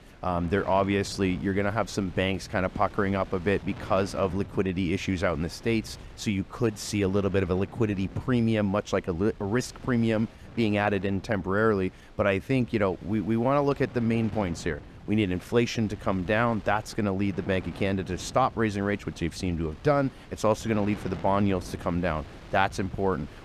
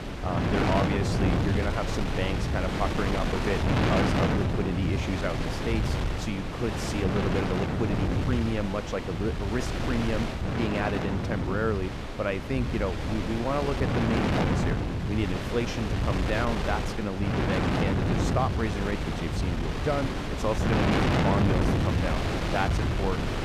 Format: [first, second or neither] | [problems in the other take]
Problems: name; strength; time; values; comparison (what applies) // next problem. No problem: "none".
first | wind noise on the microphone; heavy; 1 dB above the speech; occasional gusts in the first